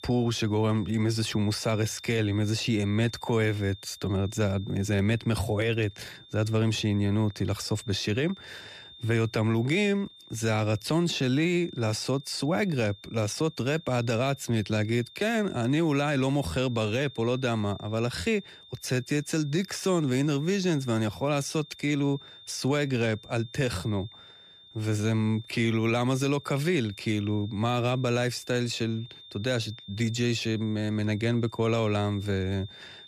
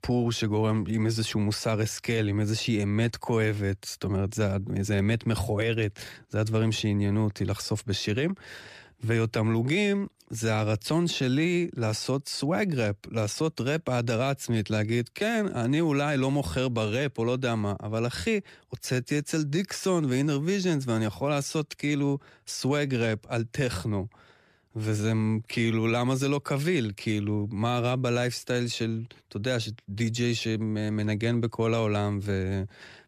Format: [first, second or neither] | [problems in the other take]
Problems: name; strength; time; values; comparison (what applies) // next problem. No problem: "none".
second | high-pitched whine; noticeable; throughout; 3.5 kHz, 20 dB below the speech